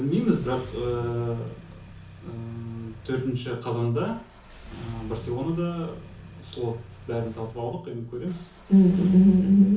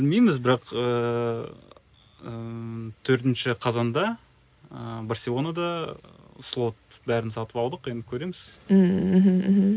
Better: second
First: background sound (Engine starting); 18 dB below the speech // room echo; dies away in 0.7 s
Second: none

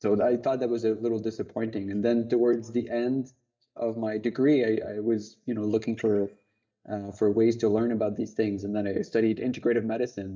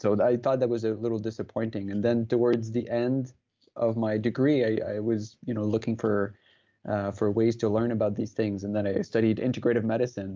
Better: second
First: noise reduction (neural mask model DeepFilterNet 3)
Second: none

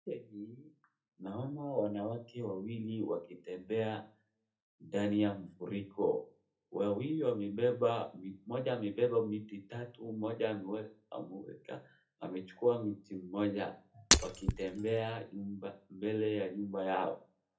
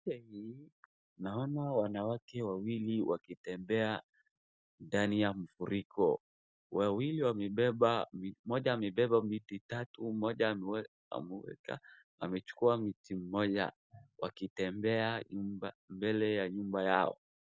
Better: second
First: background sound (Shatter); 4 dB above the speech // room echo; dies away in 0.3 s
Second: none

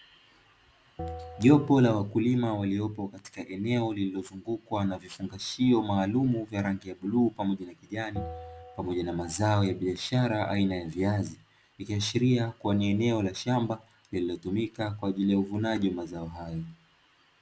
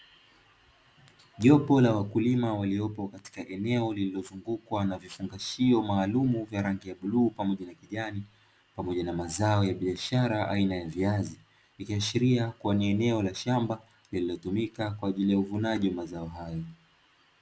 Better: second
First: background sound (Bell); 16 dB below the speech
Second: none

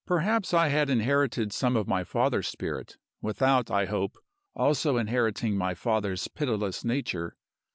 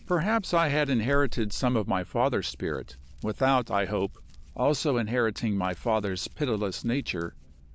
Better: first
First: none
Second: background sound (Hands); 11 dB below the speech

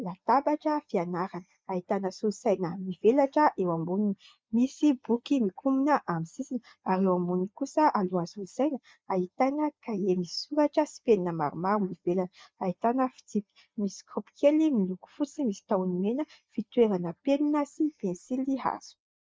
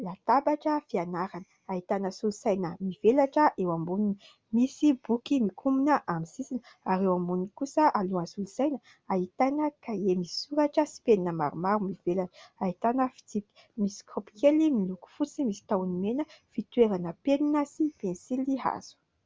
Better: second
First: noise reduction (neural mask model Resemble Enhance denoiser)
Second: none

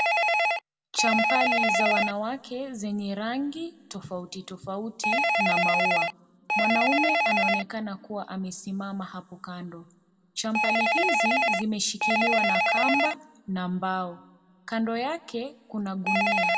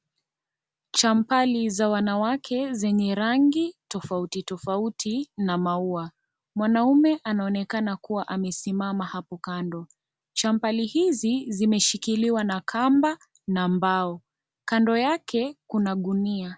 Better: second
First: background sound (Telephone); 4 dB above the speech // room echo; dies away in 2.3 s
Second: none

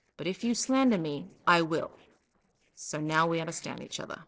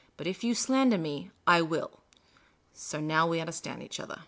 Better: second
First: noise reduction (neural separator model SepFormer DNS4)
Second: none

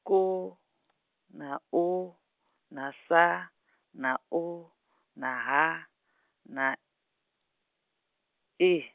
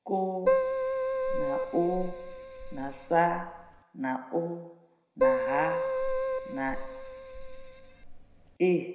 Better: first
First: none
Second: background sound (Keyboard (musical)); 2 dB above the speech // room echo; dies away in 0.9 s

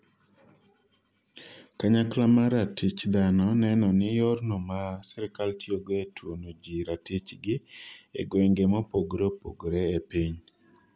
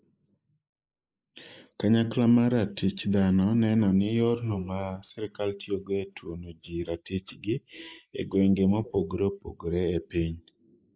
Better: first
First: none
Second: noise reduction (neural mask model Resemble Enhance denoiser)

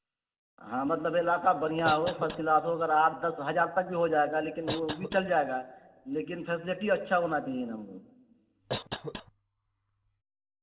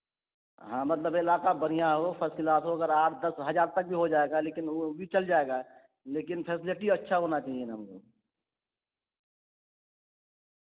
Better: second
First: background sound (Cough); 12 dB below the speech // room echo; dies away in 1.6 s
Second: none

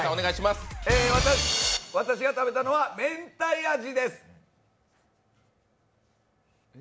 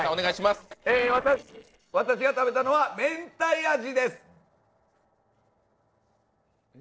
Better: first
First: none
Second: noise reduction (neural separator model SepFormer DNS4)

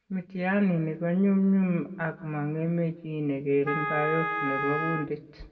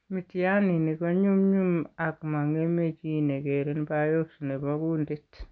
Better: second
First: background sound (Wind instrument, woodwind instrument); 5 dB below the speech // room echo; dies away in 1.1 s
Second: none

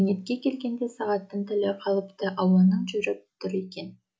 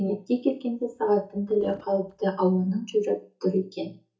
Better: first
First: none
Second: noise reduction (neural mask model DeepFilterNet 3)

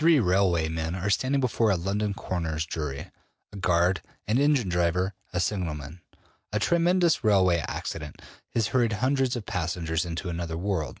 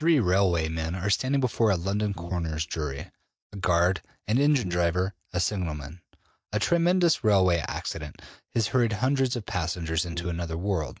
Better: first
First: none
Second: noise reduction (neural mask model DeepFilterNet 3)

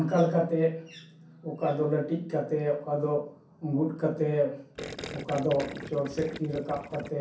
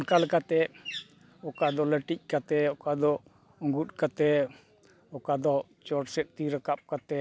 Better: second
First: background sound (Gurgling); 11 dB below the speech // room echo; dies away in 0.6 s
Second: none

